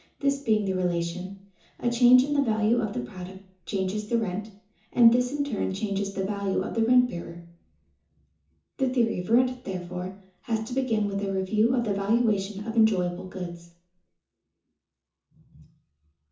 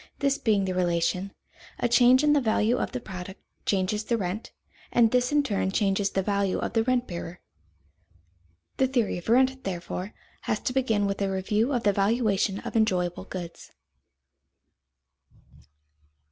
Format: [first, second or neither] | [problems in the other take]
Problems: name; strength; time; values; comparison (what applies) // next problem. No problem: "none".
second | room echo; dies away in 0.6 s